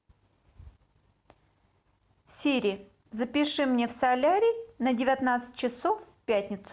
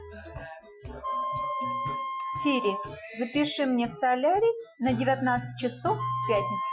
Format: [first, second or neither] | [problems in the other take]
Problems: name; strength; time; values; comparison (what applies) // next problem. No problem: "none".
first | noise reduction (classical method Wiener filter)